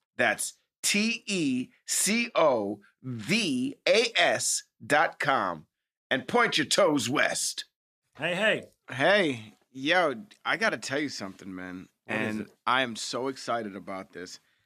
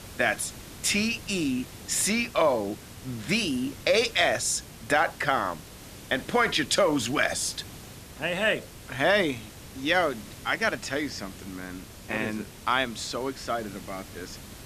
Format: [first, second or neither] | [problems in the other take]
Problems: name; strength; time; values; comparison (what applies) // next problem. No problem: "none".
first | hiss; noticeable; throughout; 15 dB below the speech